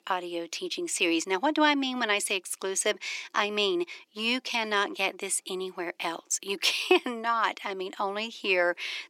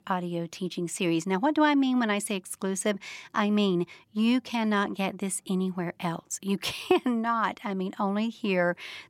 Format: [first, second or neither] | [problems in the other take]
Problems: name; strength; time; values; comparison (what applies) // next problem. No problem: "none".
second | thin; somewhat; fading below 350 Hz